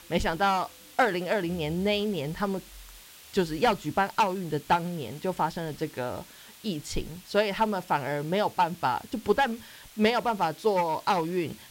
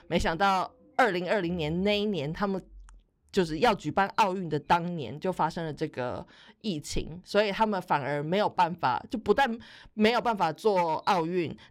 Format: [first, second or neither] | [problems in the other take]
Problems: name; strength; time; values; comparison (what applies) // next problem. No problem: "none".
second | hiss; faint; throughout; 20 dB below the speech